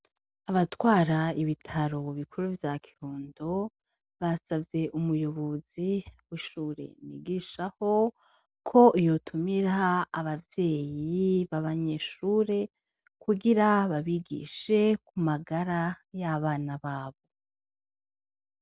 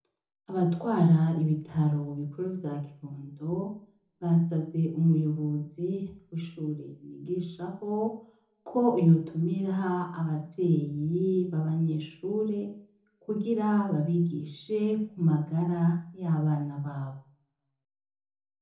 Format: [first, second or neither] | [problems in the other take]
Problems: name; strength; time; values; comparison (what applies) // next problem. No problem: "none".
first | room echo; dies away in 0.6 s